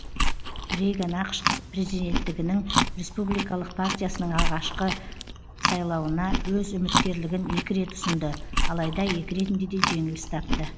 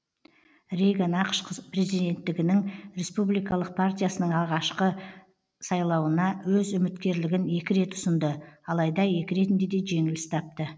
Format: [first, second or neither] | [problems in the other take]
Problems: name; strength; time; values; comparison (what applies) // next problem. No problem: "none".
second | background sound (Chewing, mastication); as loud as the speech